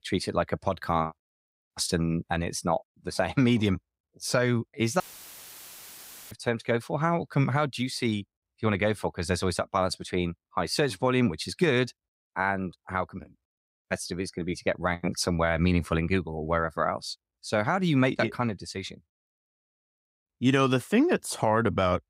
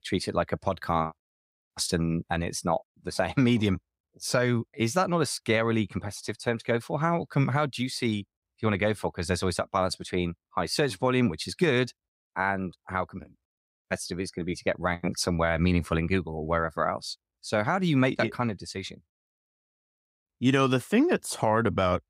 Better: second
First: audio cutting out; filled with static; at 5 s for 1.5 s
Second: none

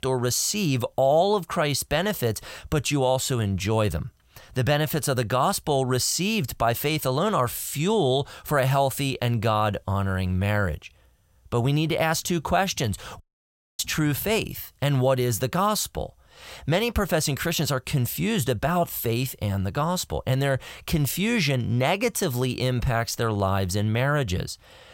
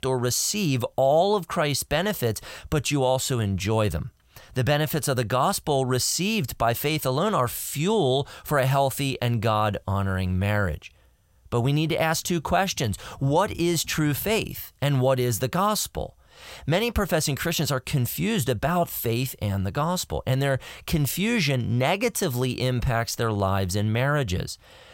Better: second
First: audio cutting out; at 13 s for 0.5 s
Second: none

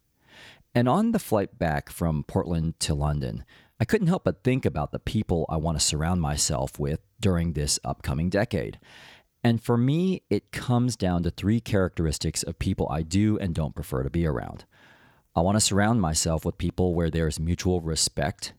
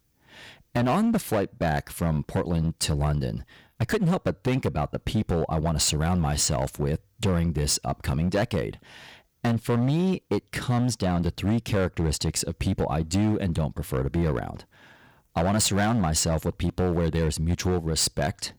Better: first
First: none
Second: distortion; slight; 11% of the sound clipped

